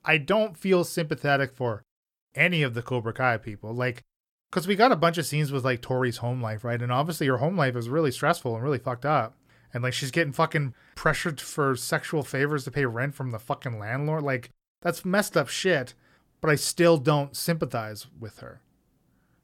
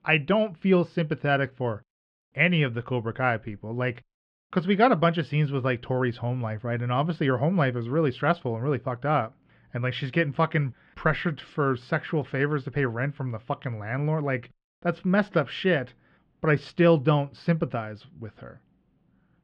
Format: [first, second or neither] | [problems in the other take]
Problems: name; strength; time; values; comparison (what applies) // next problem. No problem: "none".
first | muffled; very; fading above 3 kHz